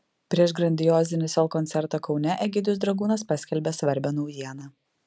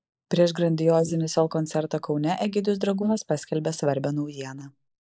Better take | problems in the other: first | noise reduction (neural mask model Resemble Enhance denoiser)

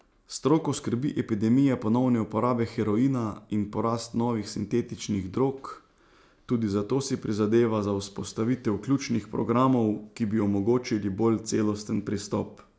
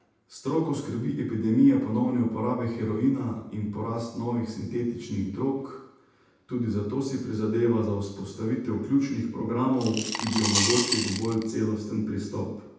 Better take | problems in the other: first | background sound (Coin (dropping) / Glass); 3 dB below the speech // room echo; dies away in 0.8 s

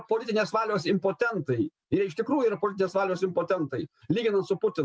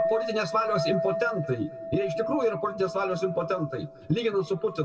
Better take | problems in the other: first | background sound (Chink, clink); 5 dB below the speech // room echo; dies away in 1.5 s

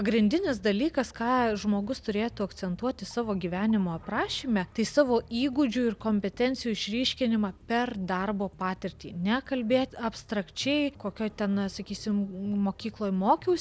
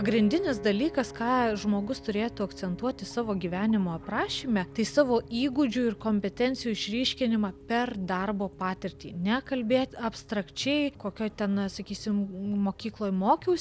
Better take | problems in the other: first | background sound (Piano); 18 dB below the speech

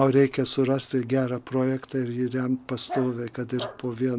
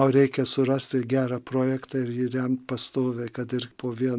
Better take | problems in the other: second | background sound (Dog); 17 dB below the speech

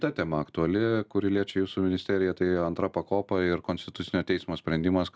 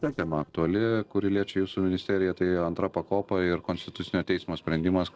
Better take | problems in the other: first | noise reduction (neural separator model SepFormer DNS4)

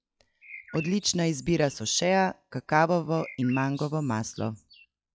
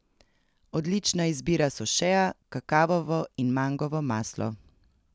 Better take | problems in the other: second | noise reduction (classical method log-MMSE)

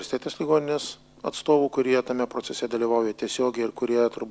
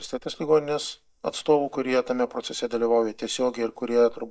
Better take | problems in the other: first | noise reduction (neural mask model DeepFilterNet 3)

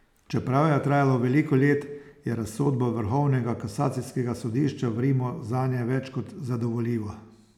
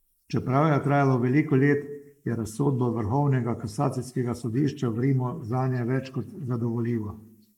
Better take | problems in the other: first | noise reduction (neural mask model Resemble Enhance denoiser)

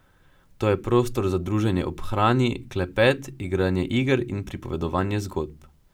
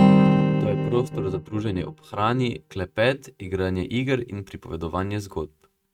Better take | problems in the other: first | noise reduction (neural mask model RNNoise)

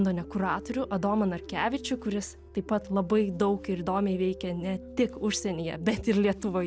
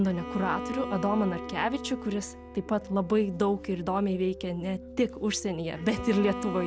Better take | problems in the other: first | background sound (Bowed string instrument); 11 dB below the speech

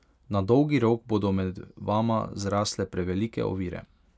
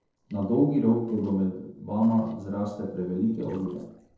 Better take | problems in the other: first | noise reduction (neural separator model SepFormer DNS4)

